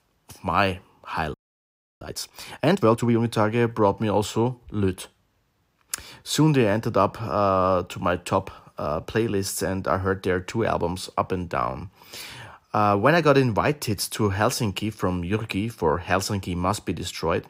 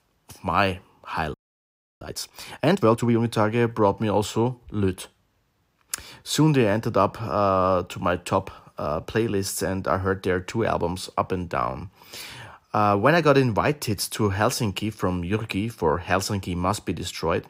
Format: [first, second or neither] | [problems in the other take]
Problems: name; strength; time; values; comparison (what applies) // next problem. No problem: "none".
neither | audio freezing; at 1.5 s for 0.5 s; the same in both